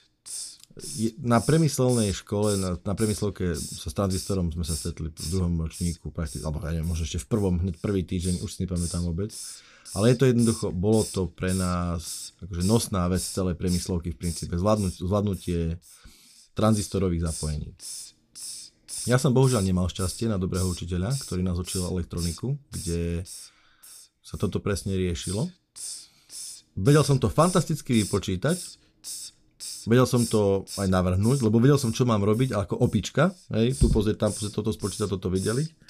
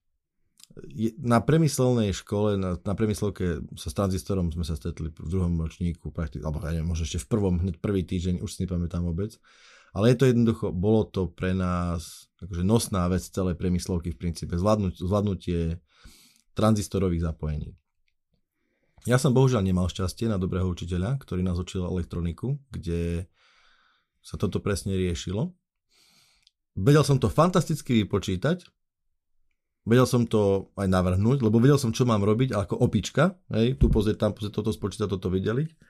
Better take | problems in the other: second | hiss; noticeable; throughout; 10 dB below the speech

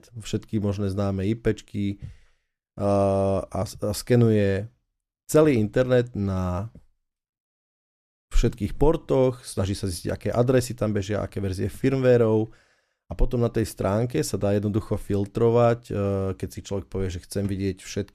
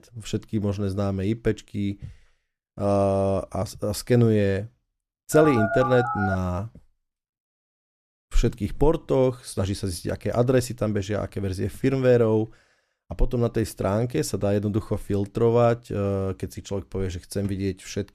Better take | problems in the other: first | phone ringing; noticeable; from 5.5 to 6.5 s; peak 1 dB below the speech

